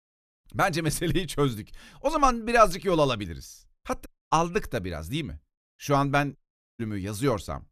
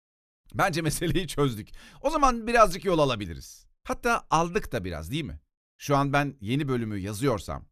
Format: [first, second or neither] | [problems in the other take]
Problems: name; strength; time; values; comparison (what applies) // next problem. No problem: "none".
second | audio cutting out; at 4 s and at 6.5 s